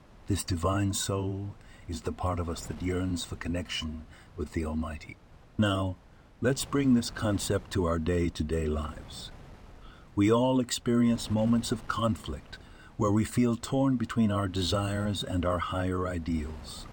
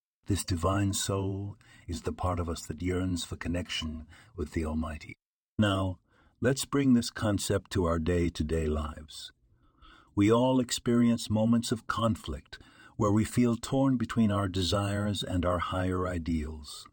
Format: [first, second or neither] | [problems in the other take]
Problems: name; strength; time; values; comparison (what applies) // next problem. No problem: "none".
second | wind noise on the microphone; occasional gusts; 25 dB below the speech